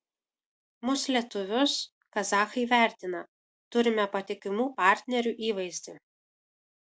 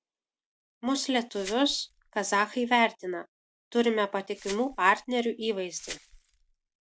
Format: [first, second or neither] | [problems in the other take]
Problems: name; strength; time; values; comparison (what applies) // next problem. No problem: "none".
first | background sound (Glass); 18 dB below the speech